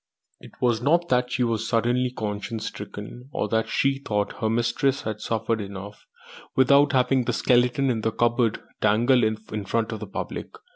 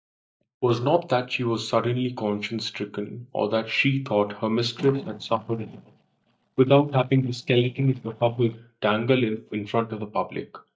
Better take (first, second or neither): first